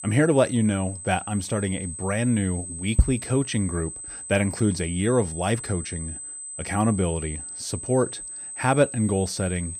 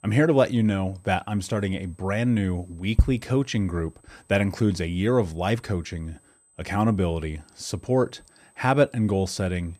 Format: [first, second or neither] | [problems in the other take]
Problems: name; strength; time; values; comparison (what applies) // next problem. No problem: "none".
second | high-pitched whine; loud; throughout; 8 kHz, 9 dB below the speech; faint in the second